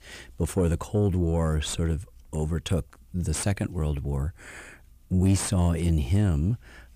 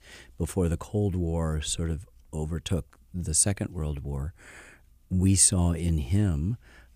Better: second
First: distortion; heavy; 7 dB below the speech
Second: none

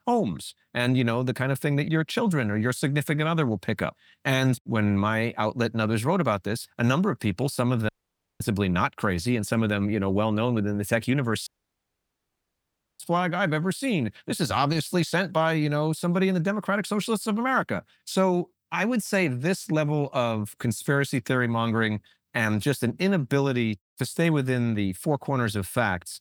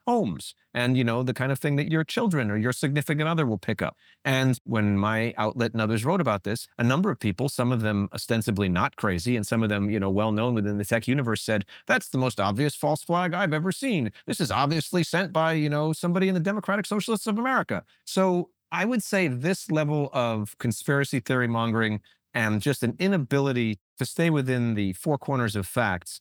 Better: second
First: audio cutting out; at 8 s for 0.5 s and at 11 s for 1.5 s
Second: none

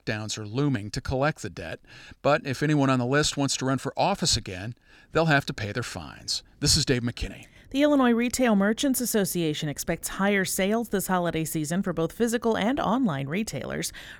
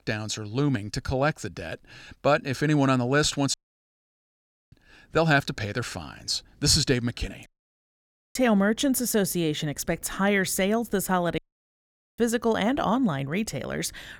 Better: first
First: none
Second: audio cutting out; at 3.5 s for 1 s, at 7.5 s for 1 s and at 11 s for 1 s

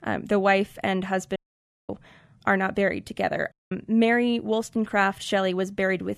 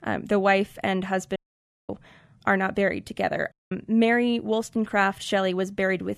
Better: neither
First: audio cutting out; at 1.5 s for 0.5 s and at 3.5 s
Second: audio cutting out; at 1.5 s for 0.5 s and at 3.5 s

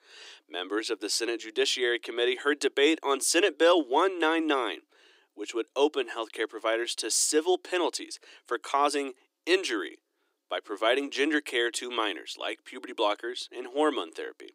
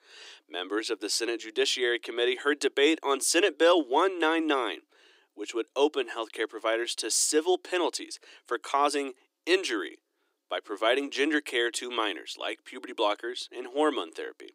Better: neither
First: thin; somewhat; fading below 300 Hz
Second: thin; somewhat; fading below 300 Hz

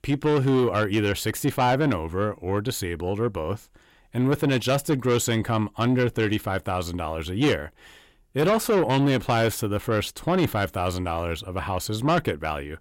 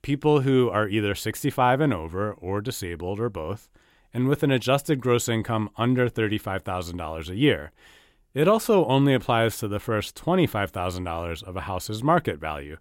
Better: second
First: distortion; slight; 10 dB below the speech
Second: none

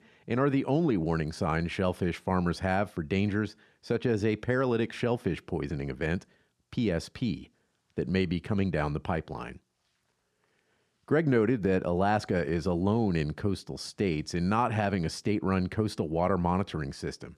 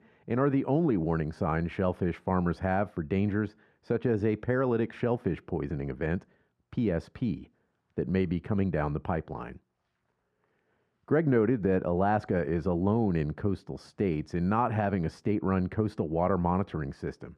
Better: first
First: none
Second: muffled; slightly; fading above 2.5 kHz

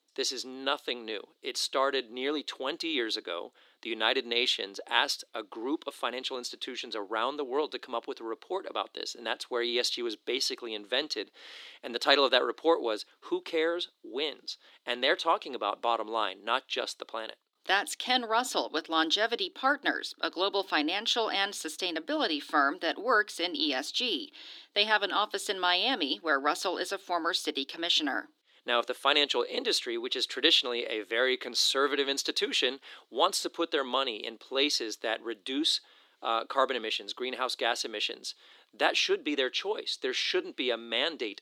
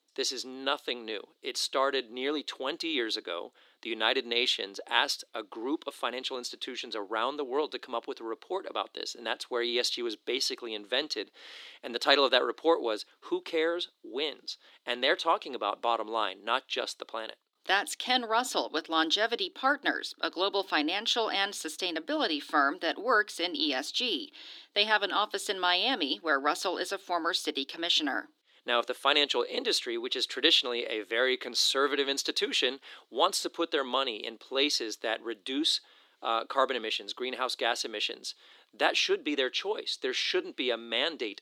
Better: neither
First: thin; somewhat; fading below 300 Hz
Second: thin; somewhat; fading below 300 Hz

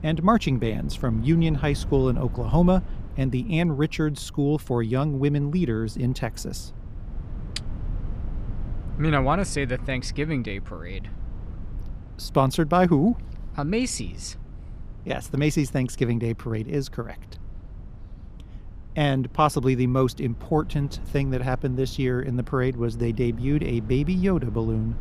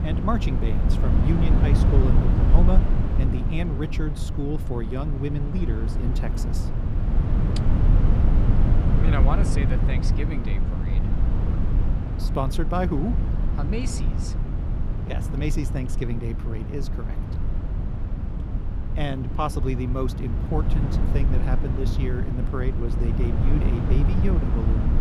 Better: first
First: low rumble; faint; throughout; 20 dB below the speech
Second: low rumble; loud; throughout; 3 dB below the speech

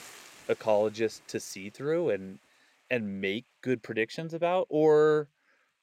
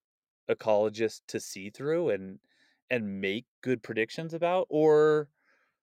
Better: second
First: hiss; faint; throughout; 25 dB below the speech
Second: none

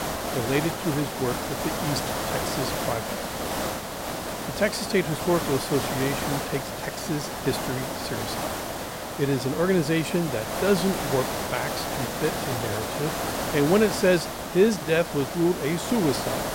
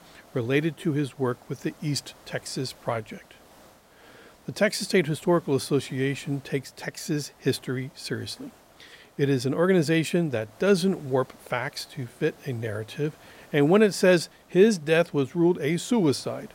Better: second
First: hiss; loud; throughout; 3 dB below the speech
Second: hiss; faint; throughout; 30 dB below the speech

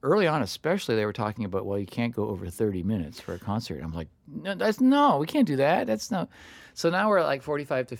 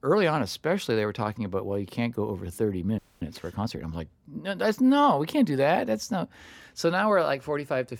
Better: first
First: none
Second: audio freezing; at 3 s

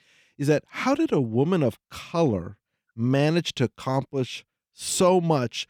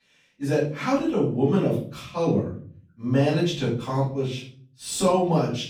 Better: first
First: none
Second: room echo; noticeable; dies away in 0.4 s // off-mic speech; far

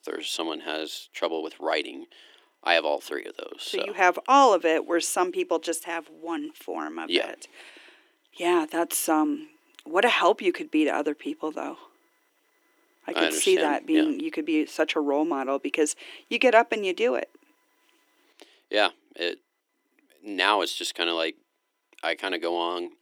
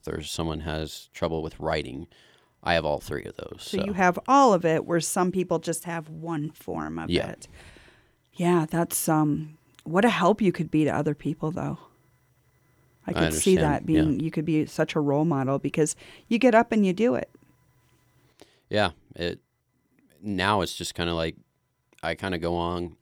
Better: second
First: thin; somewhat; fading below 300 Hz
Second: none

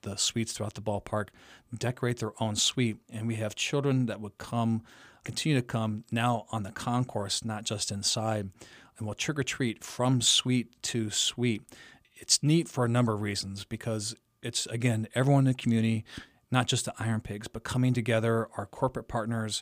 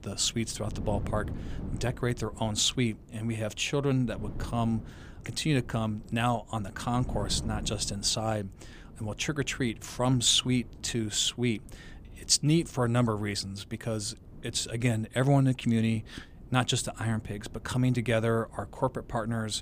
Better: first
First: none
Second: wind noise on the microphone; occasional gusts; 20 dB below the speech

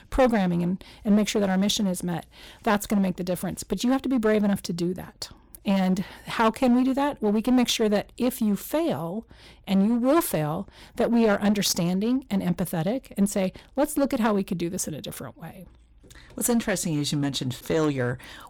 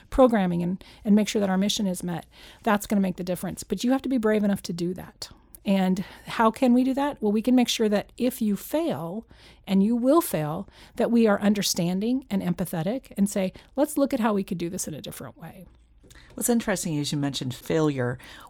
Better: second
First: distortion; slight; 6% of the sound clipped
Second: none

